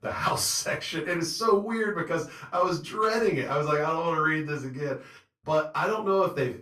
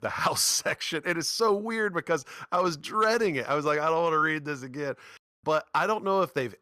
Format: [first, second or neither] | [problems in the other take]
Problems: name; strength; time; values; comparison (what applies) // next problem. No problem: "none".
second | off-mic speech; far // room echo; slight; dies away in 0.3 s